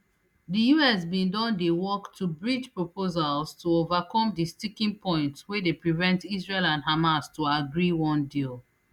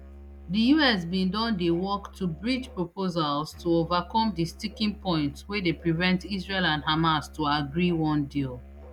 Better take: first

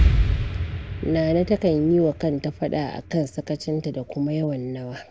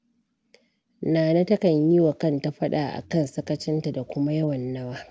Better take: second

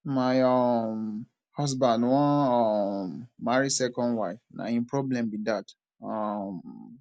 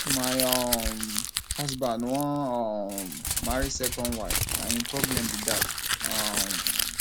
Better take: first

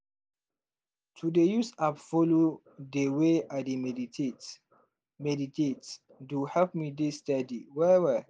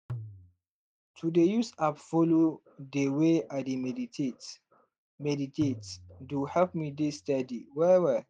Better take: first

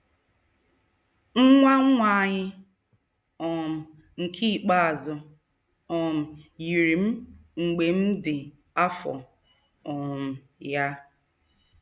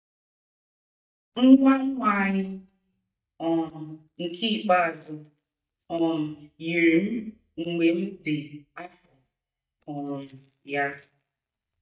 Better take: first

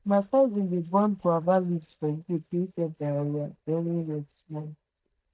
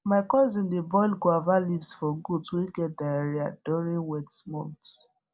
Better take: second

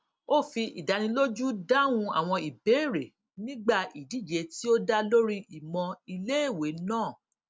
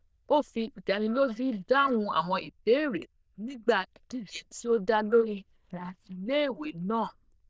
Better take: first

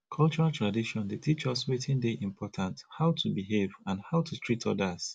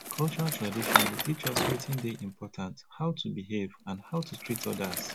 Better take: first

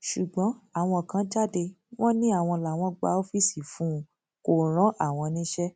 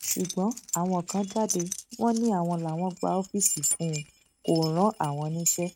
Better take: first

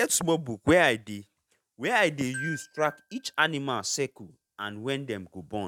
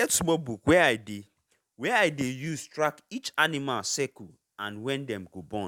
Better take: second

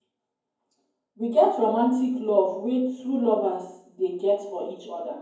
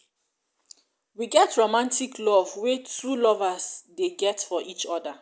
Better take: second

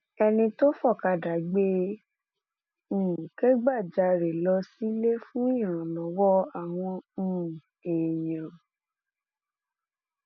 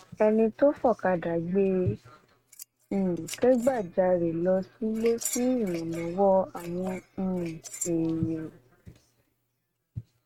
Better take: first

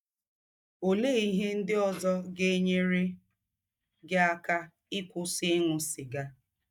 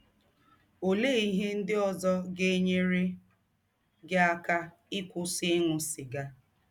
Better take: second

